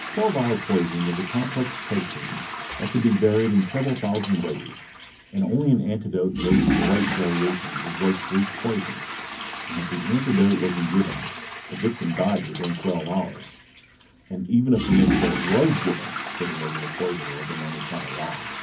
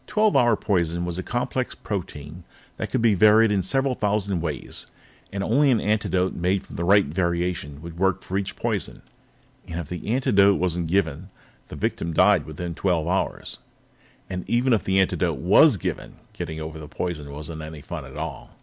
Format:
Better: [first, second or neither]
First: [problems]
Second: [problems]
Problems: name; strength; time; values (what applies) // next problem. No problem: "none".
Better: second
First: background sound (Toilet flush / Water); 6 dB below the speech // room echo; dies away in 0.3 s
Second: none